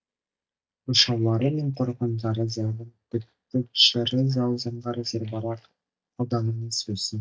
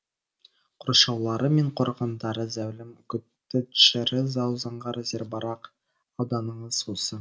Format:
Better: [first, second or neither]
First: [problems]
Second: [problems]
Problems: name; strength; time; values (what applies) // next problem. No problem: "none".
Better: second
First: noise reduction (neural mask model DeepFilterNet 3)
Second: none